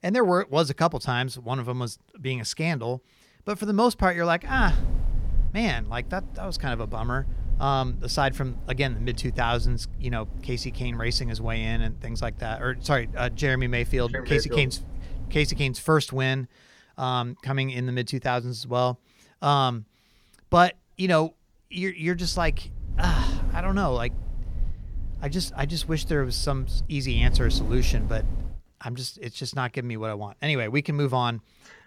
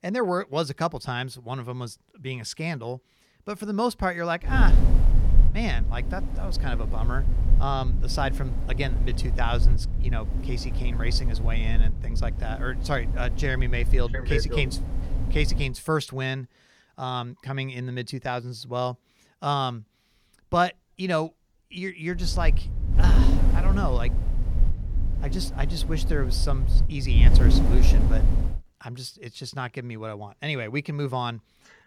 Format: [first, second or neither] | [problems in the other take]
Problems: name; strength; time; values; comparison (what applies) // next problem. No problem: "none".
first | wind noise on the microphone; heavy; from 4.5 to 16 s and from 22 to 29 s; 10 dB below the speech; occasional gusts in the first